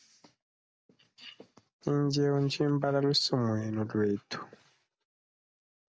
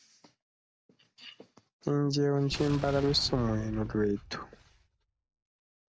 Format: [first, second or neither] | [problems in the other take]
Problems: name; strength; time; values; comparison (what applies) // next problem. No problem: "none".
first | background sound (Explosion); 11 dB below the speech